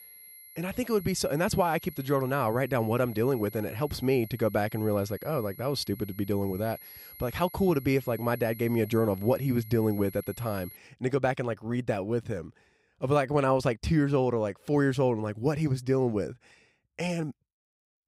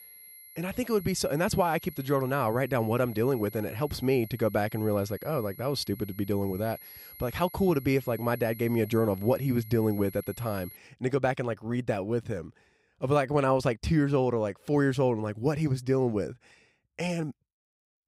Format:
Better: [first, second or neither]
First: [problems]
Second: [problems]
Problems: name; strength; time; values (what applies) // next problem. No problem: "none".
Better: neither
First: high-pitched whine; noticeable; until 11 s; 11.5 kHz, 20 dB below the speech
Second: high-pitched whine; noticeable; until 11 s; 11.5 kHz, 20 dB below the speech